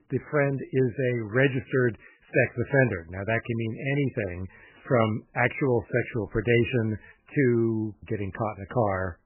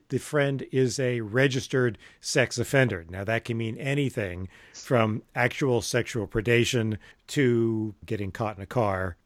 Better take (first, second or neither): second